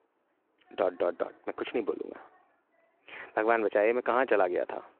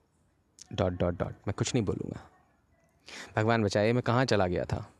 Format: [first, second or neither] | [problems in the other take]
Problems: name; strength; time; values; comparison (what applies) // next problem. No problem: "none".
second | phone-call audio